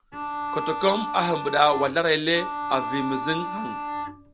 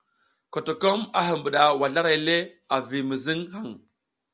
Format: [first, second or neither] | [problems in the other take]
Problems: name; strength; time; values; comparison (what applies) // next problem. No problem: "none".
second | background sound (Bowed string instrument); 6 dB below the speech